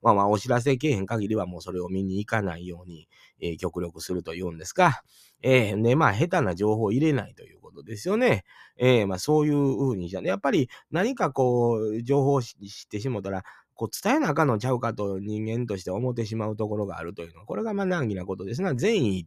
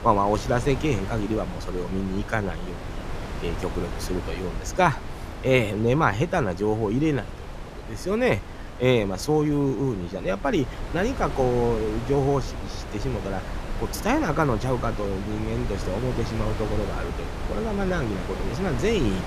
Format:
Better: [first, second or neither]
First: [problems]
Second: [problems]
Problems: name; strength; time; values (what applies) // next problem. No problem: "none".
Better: first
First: none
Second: wind noise on the microphone; occasional gusts; 10 dB below the speech